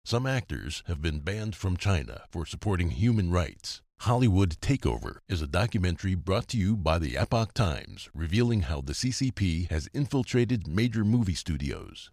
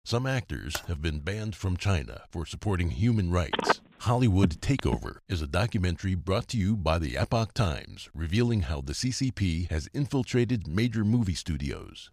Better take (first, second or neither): first